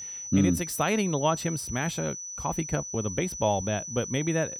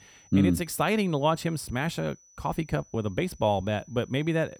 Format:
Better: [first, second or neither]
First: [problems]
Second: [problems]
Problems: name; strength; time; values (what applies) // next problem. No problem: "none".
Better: second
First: high-pitched whine; loud; throughout; 6 kHz, 7 dB below the speech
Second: high-pitched whine; faint; throughout; 6 kHz, 25 dB below the speech